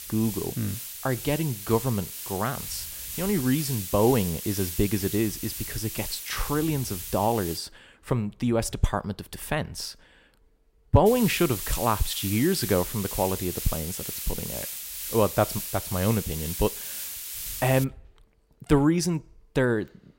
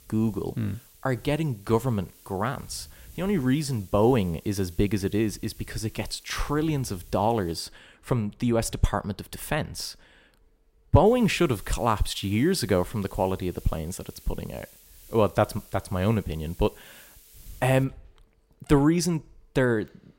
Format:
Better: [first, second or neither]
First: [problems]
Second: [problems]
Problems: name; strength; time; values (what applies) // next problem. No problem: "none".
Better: second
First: hiss; loud; until 7.5 s and from 11 to 18 s; 6 dB below the speech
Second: hiss; faint; until 7.5 s and from 11 to 18 s; 25 dB below the speech